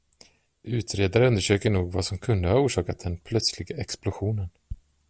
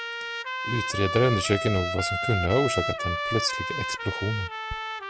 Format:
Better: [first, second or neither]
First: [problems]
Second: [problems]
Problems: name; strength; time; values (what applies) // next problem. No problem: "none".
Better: first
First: none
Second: background sound (Trumpet); 3 dB below the speech